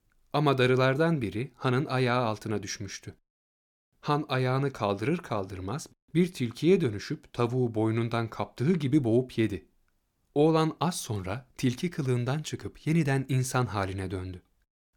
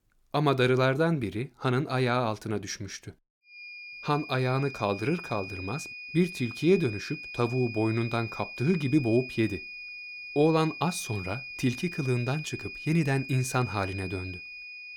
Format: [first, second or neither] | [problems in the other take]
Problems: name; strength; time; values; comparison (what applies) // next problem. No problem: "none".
first | high-pitched whine; noticeable; from 3.5 s on; 2.5 kHz, 10 dB below the speech